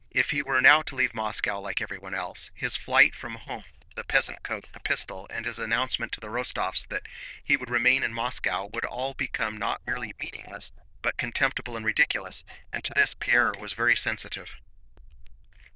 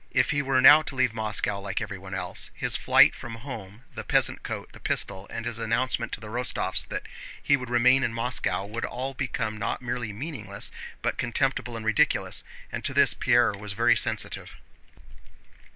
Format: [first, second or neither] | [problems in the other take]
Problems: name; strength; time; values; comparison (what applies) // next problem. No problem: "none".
second | noise reduction (neural diffusion model UNIVERSE++)